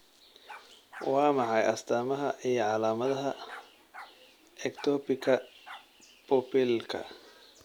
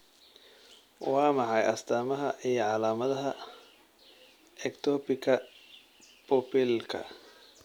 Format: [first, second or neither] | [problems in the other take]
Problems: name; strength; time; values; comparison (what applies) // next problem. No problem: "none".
second | background sound (Bark); 20 dB below the speech